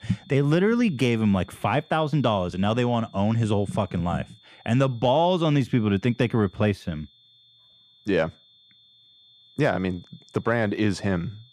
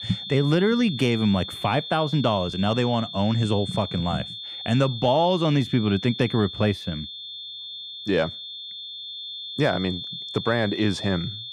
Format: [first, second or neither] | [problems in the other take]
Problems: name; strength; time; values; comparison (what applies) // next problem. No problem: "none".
first | high-pitched whine; loud; throughout; 3.5 kHz, 9 dB below the speech; faint in the first